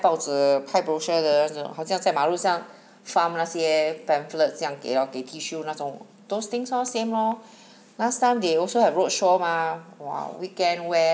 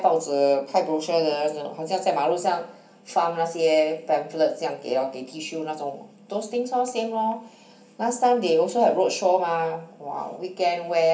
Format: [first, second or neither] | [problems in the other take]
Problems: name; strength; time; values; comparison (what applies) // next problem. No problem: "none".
first | room echo; dies away in 0.3 s